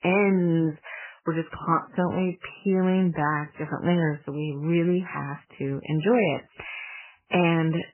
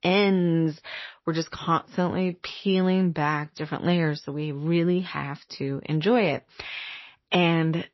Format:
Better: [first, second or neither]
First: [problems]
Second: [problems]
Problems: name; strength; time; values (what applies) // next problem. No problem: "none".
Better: second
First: garbled, watery; badly; nothing above 3 kHz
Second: garbled, watery; slightly; nothing above 5.5 kHz